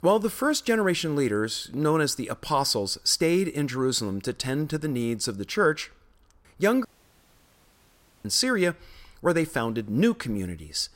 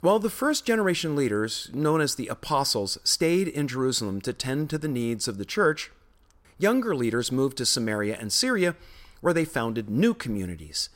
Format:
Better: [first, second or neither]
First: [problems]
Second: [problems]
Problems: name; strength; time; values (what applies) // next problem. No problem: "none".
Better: second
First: audio cutting out; at 7 s for 1.5 s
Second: none